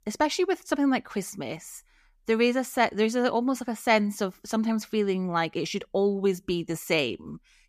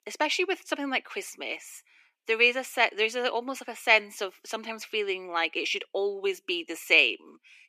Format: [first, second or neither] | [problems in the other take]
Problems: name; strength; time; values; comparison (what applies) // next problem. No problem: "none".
first | thin; somewhat; fading below 300 Hz